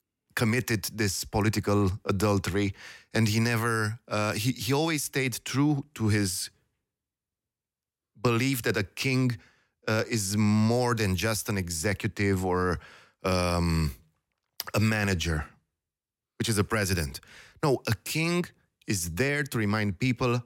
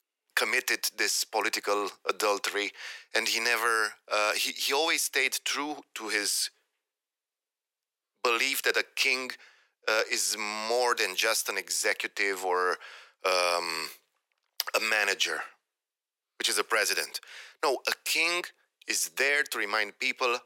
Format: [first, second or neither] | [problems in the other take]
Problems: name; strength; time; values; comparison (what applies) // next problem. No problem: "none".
first | thin; very; fading below 450 Hz